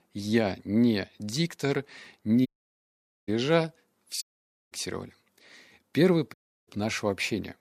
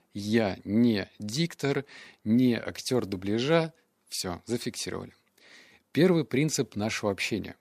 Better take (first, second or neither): second